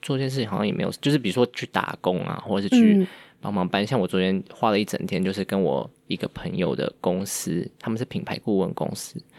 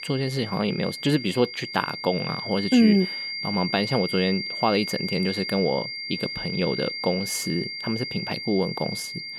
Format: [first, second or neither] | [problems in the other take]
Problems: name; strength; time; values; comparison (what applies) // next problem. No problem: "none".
first | high-pitched whine; loud; throughout; 4.5 kHz, 5 dB below the speech